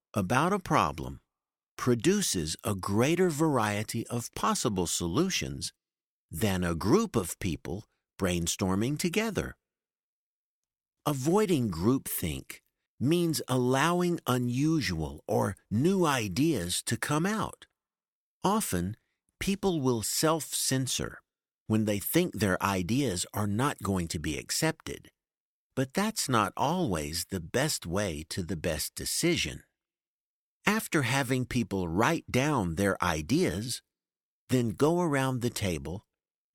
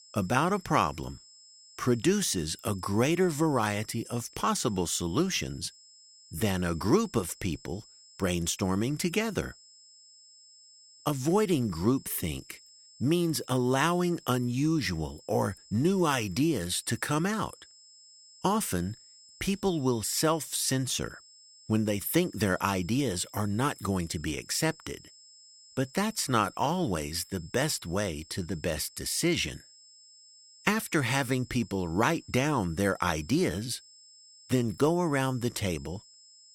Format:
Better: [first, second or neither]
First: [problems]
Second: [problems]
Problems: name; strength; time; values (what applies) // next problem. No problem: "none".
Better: first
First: none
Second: high-pitched whine; faint; throughout; 5 kHz, 25 dB below the speech